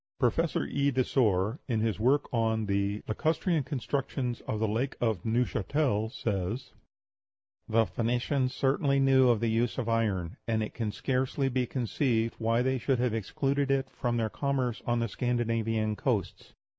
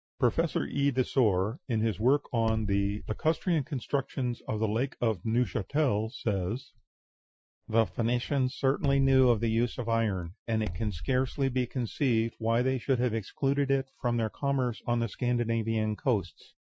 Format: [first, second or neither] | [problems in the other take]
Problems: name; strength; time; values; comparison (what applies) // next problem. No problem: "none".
first | noise reduction (classical method Wiener filter)